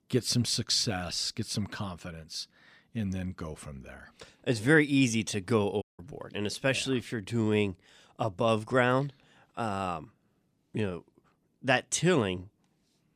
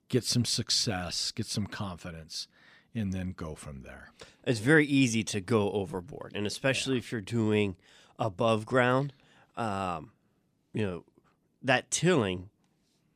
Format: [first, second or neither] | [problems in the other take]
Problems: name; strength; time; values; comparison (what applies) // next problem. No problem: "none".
second | audio cutting out; at 6 s